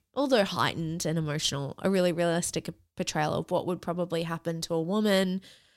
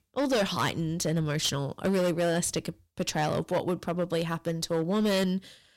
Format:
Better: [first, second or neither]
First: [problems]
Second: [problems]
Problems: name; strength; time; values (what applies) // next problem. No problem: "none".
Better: first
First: none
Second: distortion; slight; 9% of the sound clipped